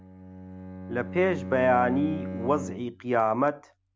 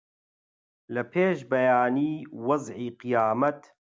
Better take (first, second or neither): second